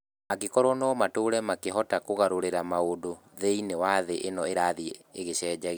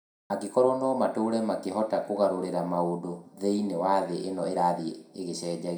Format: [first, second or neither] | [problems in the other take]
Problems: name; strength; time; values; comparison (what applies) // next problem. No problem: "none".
first | room echo; dies away in 0.5 s